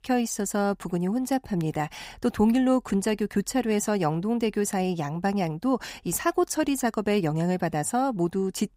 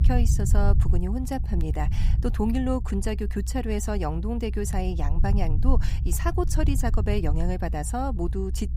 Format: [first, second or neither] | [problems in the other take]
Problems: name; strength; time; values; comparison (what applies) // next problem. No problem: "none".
first | low rumble; noticeable; throughout; 10 dB below the speech